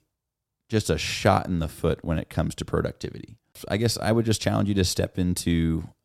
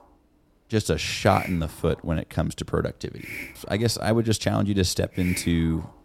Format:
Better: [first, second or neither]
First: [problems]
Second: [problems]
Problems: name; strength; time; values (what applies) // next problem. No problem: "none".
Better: first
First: none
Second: hiss; noticeable; throughout; 15 dB below the speech